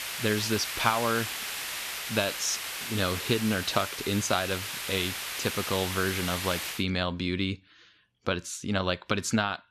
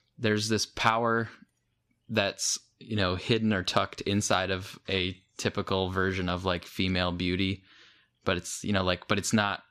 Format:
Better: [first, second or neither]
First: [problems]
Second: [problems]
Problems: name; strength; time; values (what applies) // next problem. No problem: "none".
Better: second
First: hiss; loud; until 7 s; 4 dB below the speech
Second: none